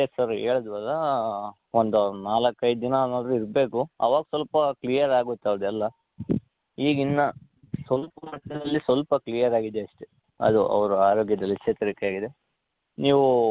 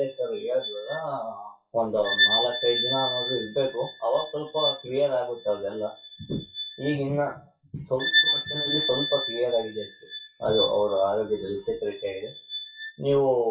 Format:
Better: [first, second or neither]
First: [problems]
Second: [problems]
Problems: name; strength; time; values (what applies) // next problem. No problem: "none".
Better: first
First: none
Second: noise reduction (classical method WPE with log-MMSE)